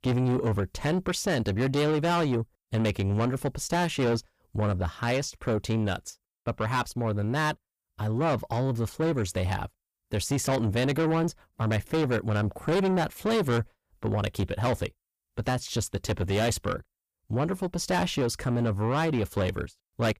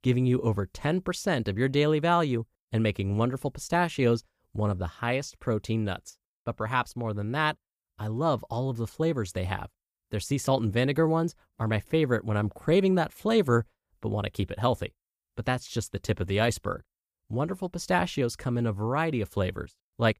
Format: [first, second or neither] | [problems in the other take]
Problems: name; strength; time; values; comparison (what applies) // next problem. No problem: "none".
second | distortion; heavy; 8 dB below the speech